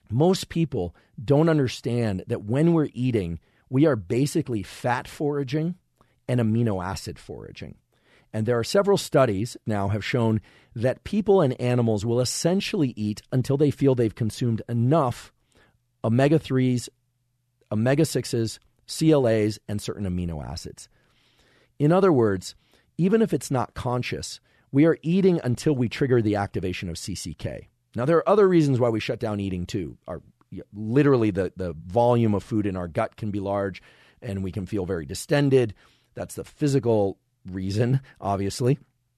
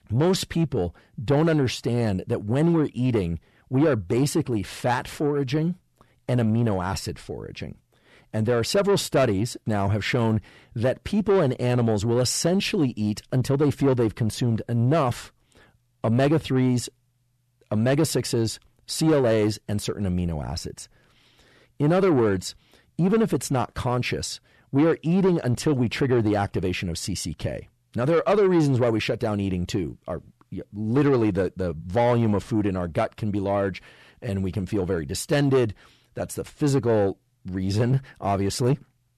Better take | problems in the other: first | distortion; slight; 10 dB below the speech

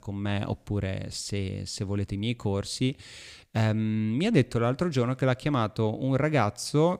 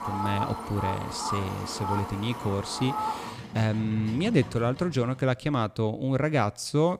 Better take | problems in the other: first | animal sounds; loud; until 5 s; 6 dB below the speech

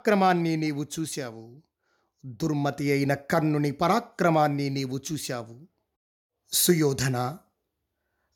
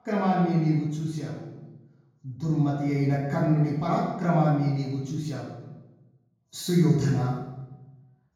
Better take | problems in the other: first | room echo; strong; dies away in 1.3 s // off-mic speech; far

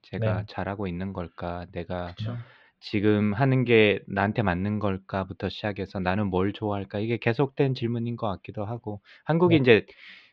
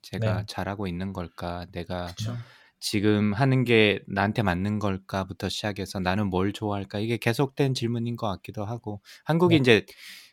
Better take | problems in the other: second | muffled; slightly; fading above 3.5 kHz

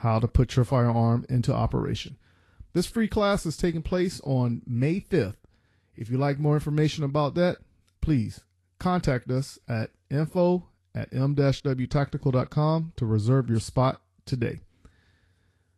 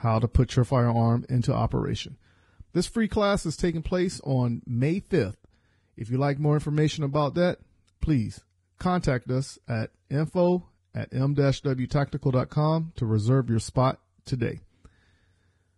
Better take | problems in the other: first | garbled, watery; badly; nothing above 10.5 kHz; slightly in the first

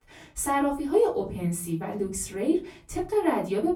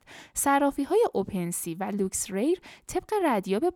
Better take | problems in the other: second | off-mic speech; far // room echo; slight; dies away in 0.4 s

